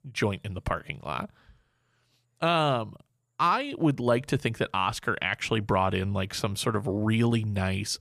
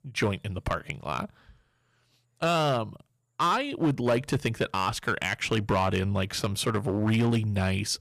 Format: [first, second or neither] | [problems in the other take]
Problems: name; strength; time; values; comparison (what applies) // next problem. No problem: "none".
first | distortion; slight; 5% of the sound clipped